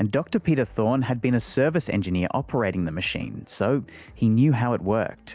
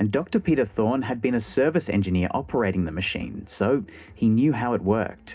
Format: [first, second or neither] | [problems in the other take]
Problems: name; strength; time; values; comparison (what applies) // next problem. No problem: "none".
first | room echo; dies away in 0.3 s